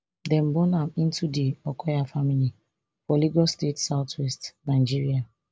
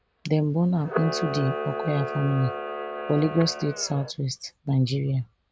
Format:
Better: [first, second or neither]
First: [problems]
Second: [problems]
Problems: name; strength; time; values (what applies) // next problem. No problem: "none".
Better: first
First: none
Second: background sound (Camera); 8 dB below the speech